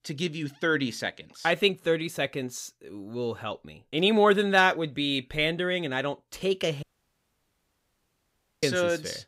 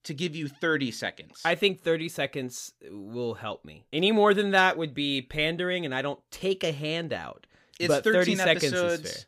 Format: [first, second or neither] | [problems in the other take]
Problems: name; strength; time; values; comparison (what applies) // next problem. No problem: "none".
second | audio cutting out; at 7 s for 2 s